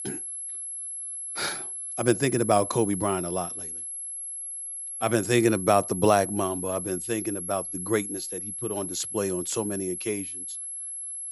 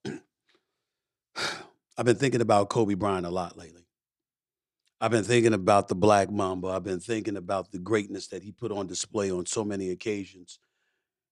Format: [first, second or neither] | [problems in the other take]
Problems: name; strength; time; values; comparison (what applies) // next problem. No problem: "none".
second | high-pitched whine; loud; throughout; 11 kHz, 6 dB below the speech